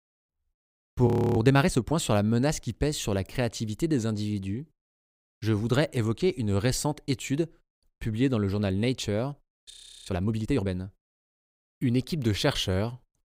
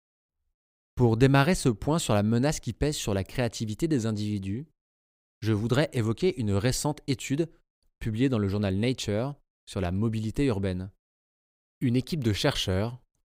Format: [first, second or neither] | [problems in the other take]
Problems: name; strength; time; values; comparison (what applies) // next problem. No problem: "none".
second | audio freezing; at 1 s and at 9.5 s